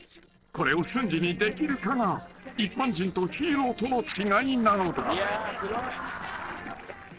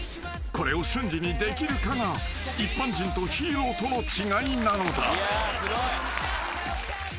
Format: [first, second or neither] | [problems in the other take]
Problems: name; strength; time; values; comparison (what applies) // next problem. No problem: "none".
second | noise reduction (neural separator model SepFormer DNS4)